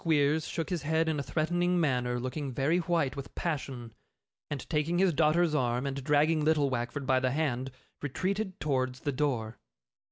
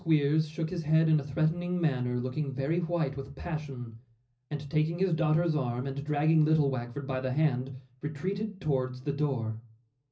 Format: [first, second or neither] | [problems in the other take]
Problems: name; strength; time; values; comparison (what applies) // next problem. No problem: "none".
first | room echo; dies away in 0.4 s